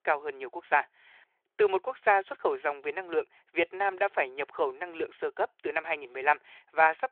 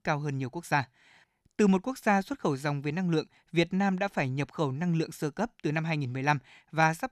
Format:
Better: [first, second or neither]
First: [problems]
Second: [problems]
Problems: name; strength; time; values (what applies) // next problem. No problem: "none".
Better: second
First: phone-call audio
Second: none